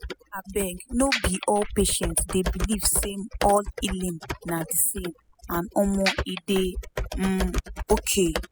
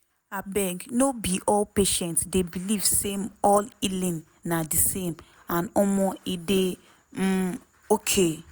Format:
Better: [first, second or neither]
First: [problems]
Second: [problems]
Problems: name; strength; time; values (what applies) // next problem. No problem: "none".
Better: second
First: noise reduction (classical method spectral subtraction)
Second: none